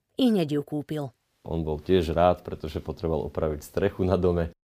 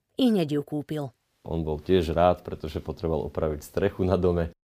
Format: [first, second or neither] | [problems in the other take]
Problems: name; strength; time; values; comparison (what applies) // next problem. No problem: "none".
neither | none